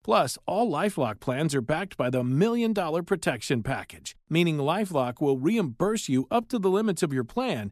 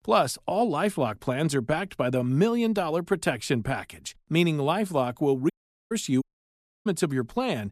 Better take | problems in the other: first | audio cutting out; at 5.5 s and at 6 s for 0.5 s

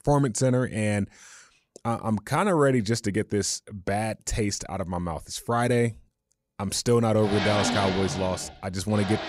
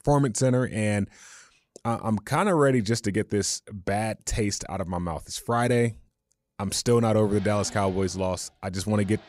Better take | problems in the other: second | machinery noise; loud; from 7.5 s on; 4 dB below the speech; faint in the second

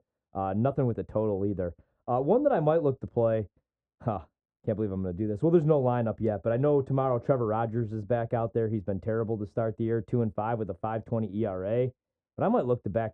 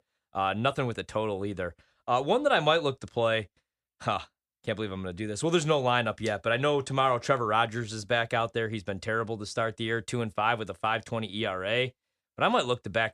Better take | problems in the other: second | muffled; very; fading above 1.5 kHz

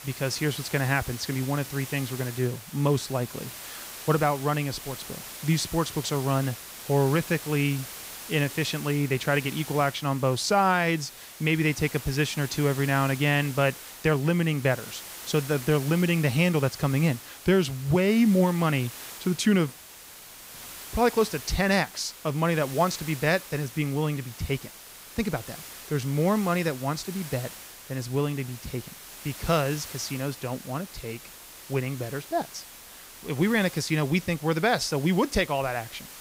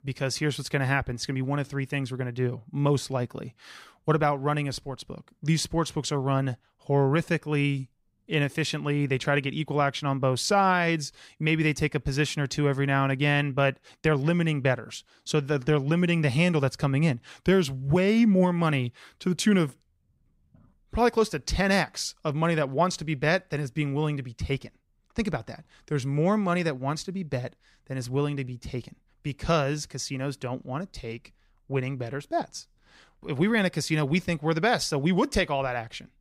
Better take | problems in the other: second | hiss; noticeable; throughout; 15 dB below the speech

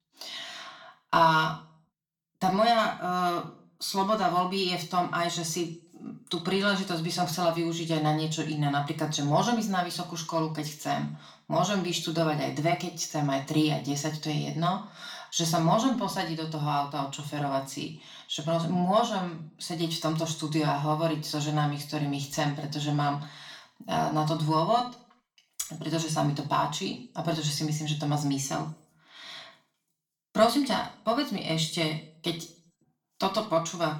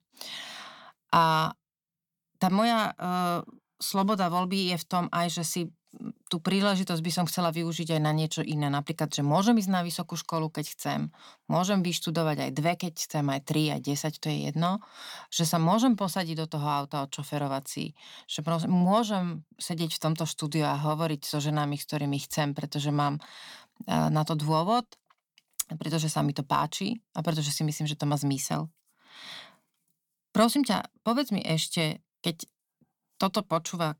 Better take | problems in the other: second | room echo; slight; dies away in 0.4 s // off-mic speech; far

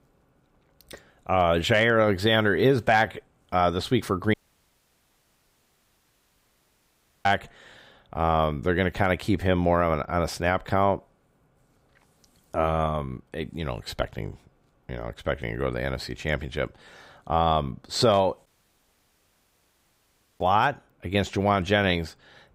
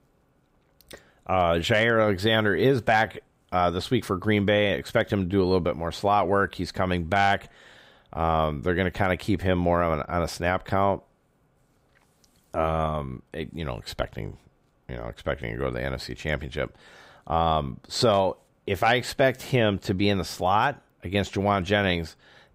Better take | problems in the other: second | audio cutting out; at 4.5 s for 3 s and at 18 s for 2 s

